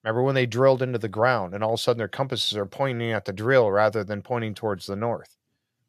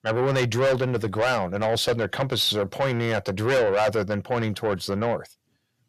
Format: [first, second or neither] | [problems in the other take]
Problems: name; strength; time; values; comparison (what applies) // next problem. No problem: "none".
first | distortion; heavy; 6 dB below the speech